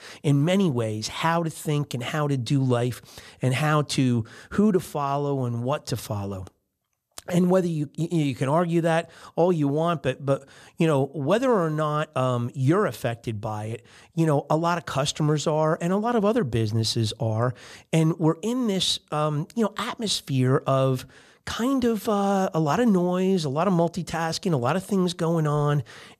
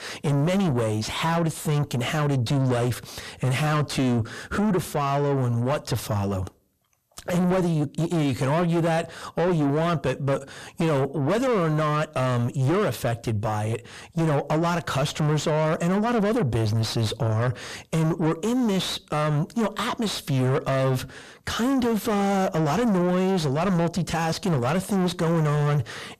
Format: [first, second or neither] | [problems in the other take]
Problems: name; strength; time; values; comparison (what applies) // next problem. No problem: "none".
first | distortion; heavy; 6 dB below the speech